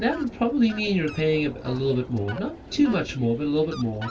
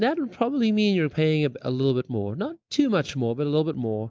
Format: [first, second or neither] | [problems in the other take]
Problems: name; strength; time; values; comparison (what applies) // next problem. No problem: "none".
second | background sound (Fowl); 15 dB below the speech // room echo; dies away in 0.1 s